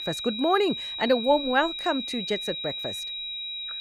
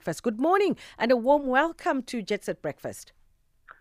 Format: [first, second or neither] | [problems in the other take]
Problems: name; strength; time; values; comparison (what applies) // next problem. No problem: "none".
second | high-pitched whine; loud; throughout; 4 kHz, 5 dB below the speech